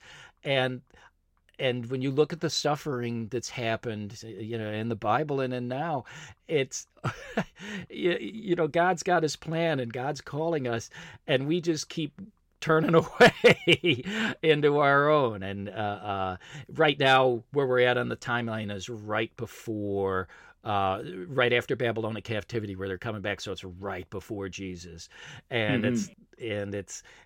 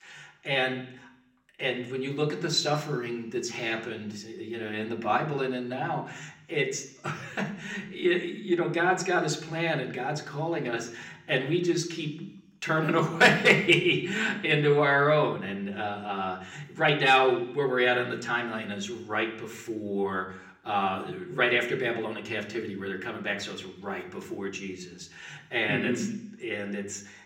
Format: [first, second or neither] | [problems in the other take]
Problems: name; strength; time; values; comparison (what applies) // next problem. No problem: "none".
first | room echo; very slight; dies away in 0.6 s